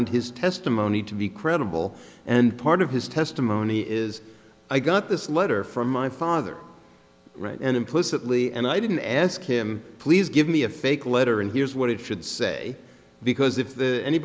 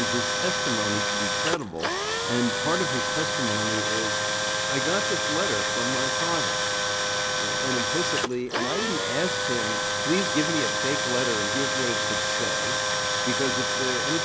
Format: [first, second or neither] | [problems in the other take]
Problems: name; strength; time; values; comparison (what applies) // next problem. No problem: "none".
first | background sound (Tools); 5 dB above the speech